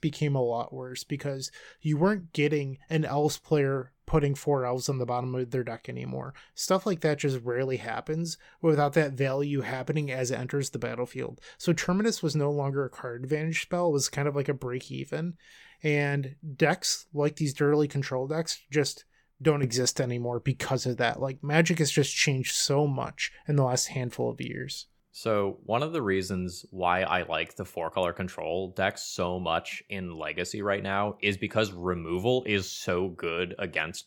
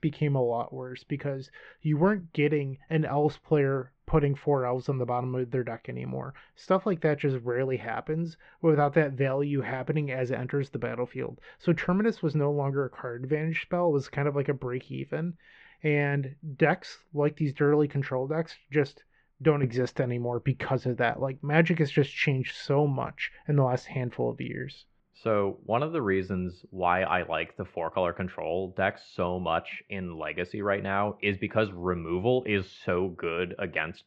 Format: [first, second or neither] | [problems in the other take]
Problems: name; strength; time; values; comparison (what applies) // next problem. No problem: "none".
first | muffled; very; fading above 2.5 kHz